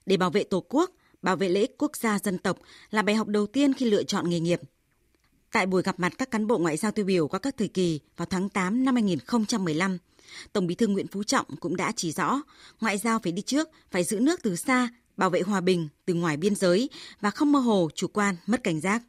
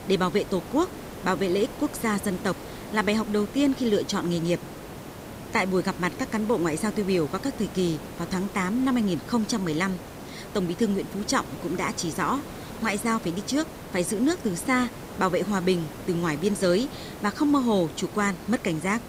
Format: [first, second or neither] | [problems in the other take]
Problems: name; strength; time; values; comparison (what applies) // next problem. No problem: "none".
first | hiss; noticeable; throughout; 15 dB below the speech